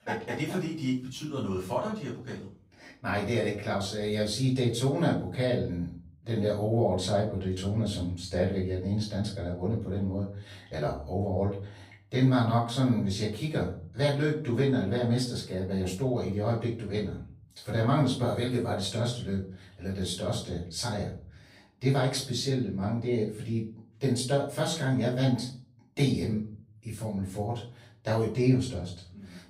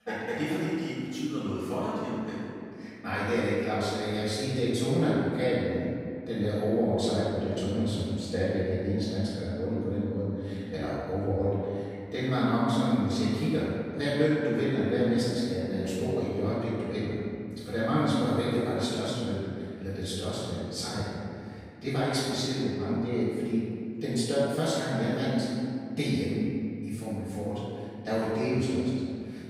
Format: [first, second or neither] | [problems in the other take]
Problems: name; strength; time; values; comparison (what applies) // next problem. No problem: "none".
first | room echo; strong; dies away in 2.6 s; slight in the first // off-mic speech; far; far in the first